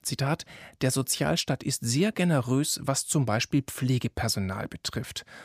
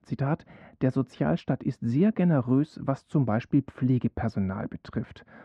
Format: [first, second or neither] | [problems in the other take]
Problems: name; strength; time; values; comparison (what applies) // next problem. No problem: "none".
first | muffled; very; fading above 1.5 kHz